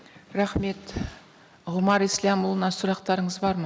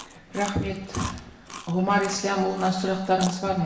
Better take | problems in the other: first | background sound (Chewing, mastication); 14 dB below the speech // room echo; dies away in 0.8 s

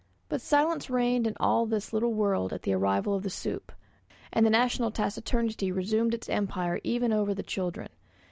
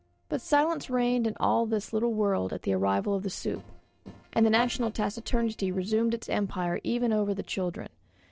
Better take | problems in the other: first | noise reduction (neural separator model SepFormer DNS4)

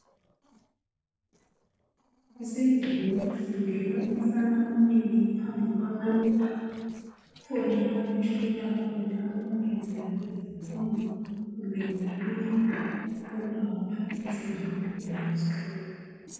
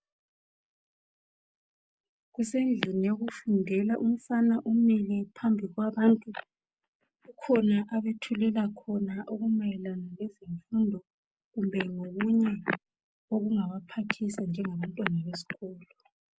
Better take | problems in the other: second | noise reduction (neural separator model SepFormer DNS4)

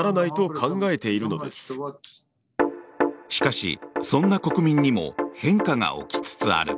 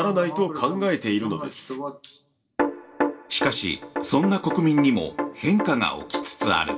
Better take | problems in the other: first | room echo; dies away in 0.3 s

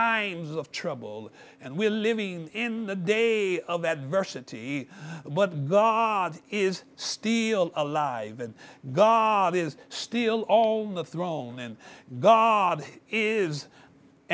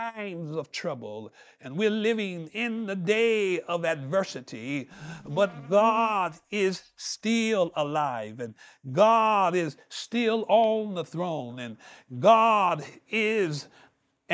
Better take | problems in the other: first | noise reduction (neural mask model DeepFilterNet 3)

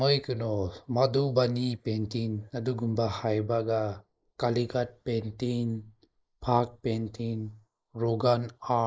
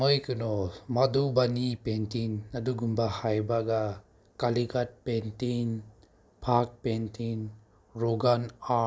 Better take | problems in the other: second | noise reduction (neural mask model Resemble Enhance denoiser)

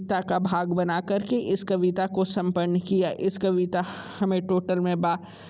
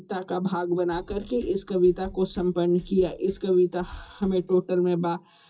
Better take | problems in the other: first | noise reduction (classical method WPE with log-MMSE)

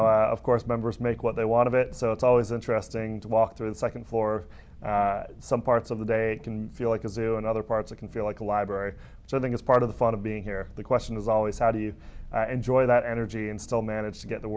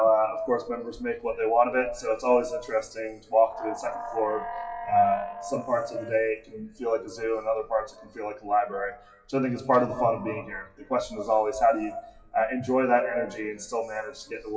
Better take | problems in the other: first | noise reduction (classical method WPE with log-MMSE)

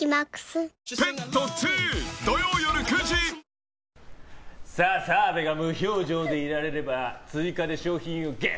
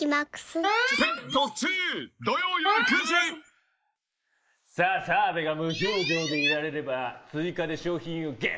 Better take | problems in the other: first | noise reduction (neural mask model Resemble Enhance denoiser)

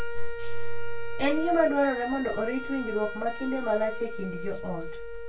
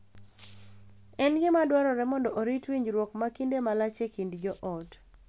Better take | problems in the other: second | background sound (Wind instrument, woodwind instrument); 13 dB below the speech // room echo; dies away in 0.2 s

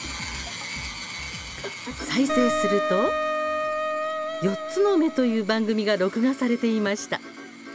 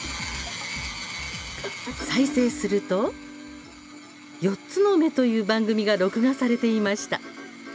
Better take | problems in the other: second | background sound (Wind instrument, woodwind instrument); 2 dB below the speech

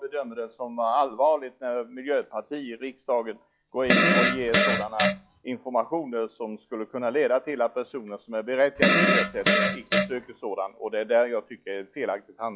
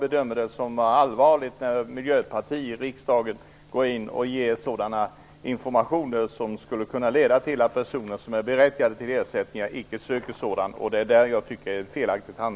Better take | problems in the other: second | noise reduction (classical method log-MMSE)

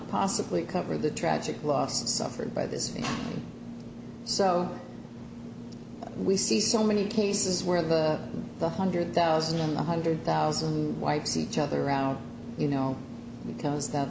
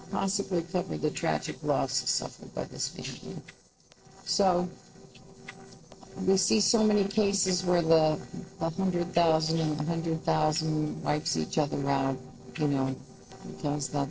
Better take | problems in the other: first | noise reduction (neural separator model SepFormer DNS4)

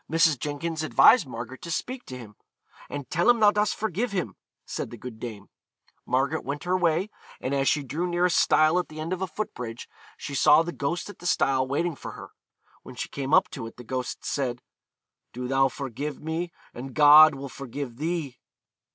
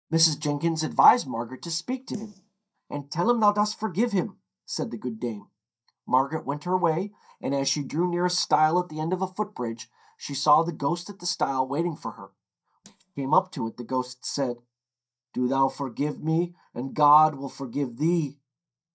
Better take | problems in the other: first | noise reduction (neural mask model DeepFilterNet 3)

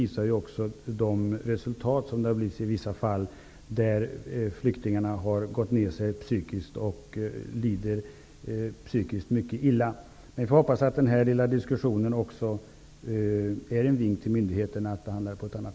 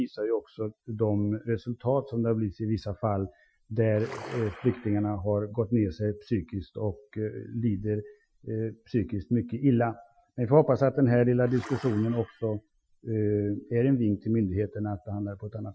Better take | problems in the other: first | noise reduction (classical method Wiener filter)

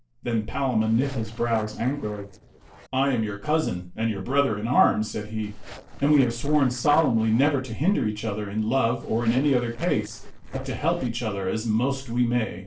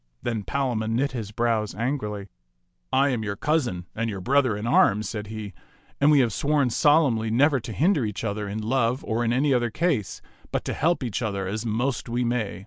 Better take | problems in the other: second | noise reduction (neural separator model SepFormer DNS4)

